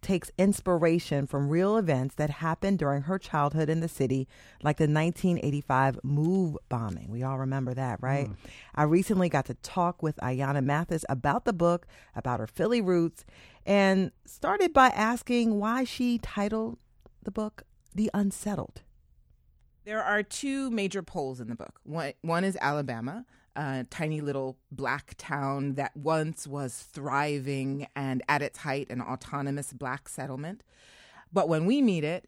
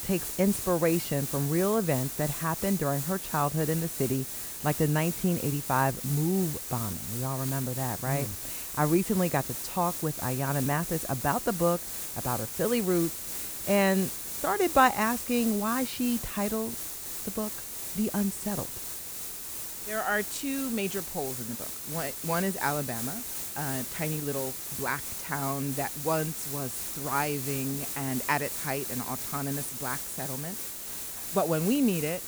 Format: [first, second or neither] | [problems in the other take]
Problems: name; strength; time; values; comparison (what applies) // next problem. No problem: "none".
first | hiss; loud; throughout; 4 dB below the speech